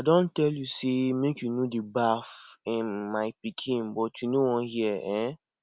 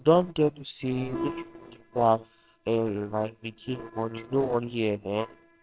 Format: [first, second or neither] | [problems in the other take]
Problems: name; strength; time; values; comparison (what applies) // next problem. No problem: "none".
first | noise reduction (neural separator model SepFormer WHAMR!)